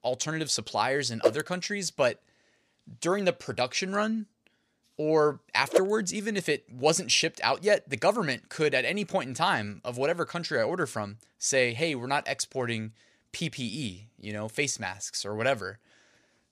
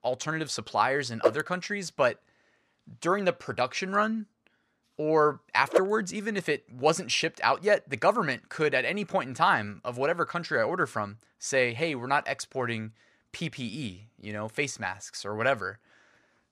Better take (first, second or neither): first